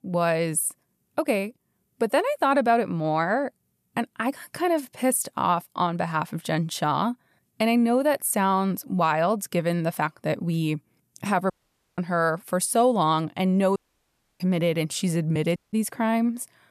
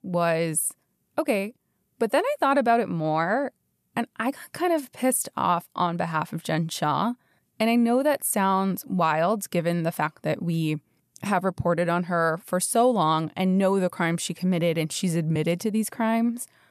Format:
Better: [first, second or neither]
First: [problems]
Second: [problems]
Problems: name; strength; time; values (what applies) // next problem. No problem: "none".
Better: second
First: audio cutting out; at 12 s, at 14 s for 0.5 s and at 16 s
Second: none